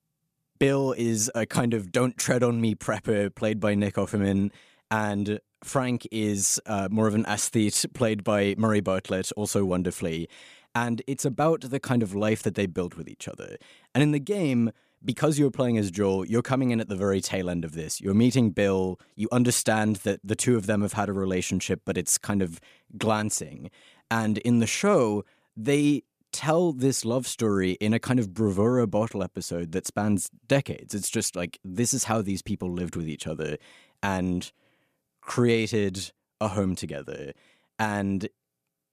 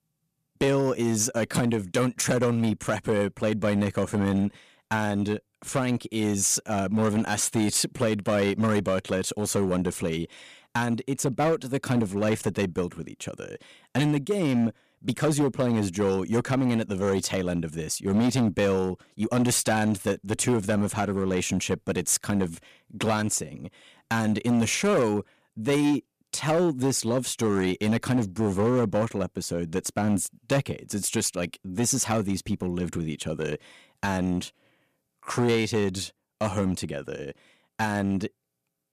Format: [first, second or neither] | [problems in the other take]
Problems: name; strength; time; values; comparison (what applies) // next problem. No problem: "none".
first | distortion; slight; 7% of the sound clipped